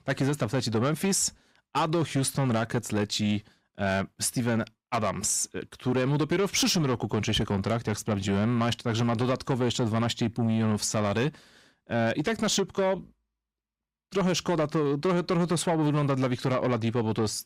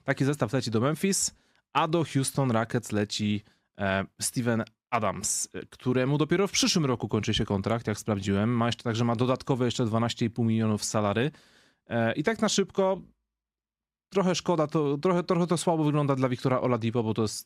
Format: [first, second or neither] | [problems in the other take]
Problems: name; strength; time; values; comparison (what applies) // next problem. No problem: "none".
second | distortion; slight; 10 dB below the speech